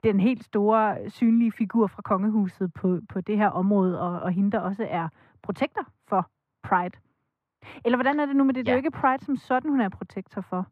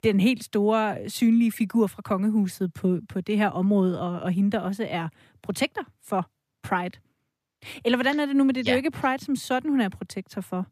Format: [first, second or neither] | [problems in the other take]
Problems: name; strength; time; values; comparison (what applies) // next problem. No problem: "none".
second | muffled; very; fading above 3.5 kHz